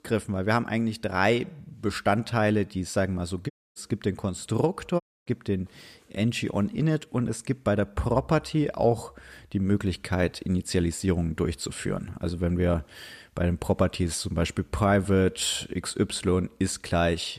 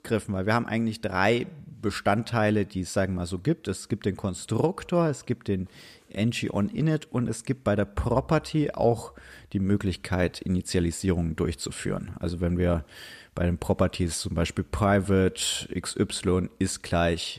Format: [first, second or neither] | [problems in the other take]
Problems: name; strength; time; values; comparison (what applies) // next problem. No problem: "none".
second | audio cutting out; at 3.5 s and at 5 s